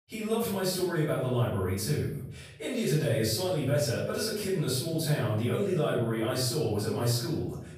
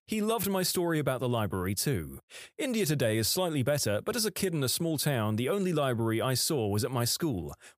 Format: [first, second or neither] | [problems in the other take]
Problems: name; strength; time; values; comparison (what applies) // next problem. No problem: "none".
second | off-mic speech; far // room echo; noticeable; dies away in 0.7 s